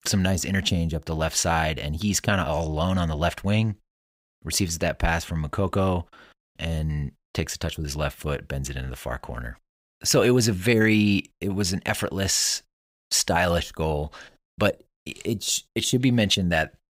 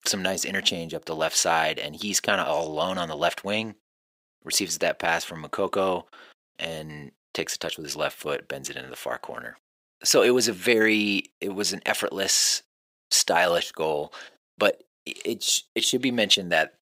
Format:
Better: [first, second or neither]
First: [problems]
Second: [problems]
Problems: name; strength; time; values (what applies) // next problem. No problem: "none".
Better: first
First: none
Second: thin; somewhat; fading below 400 Hz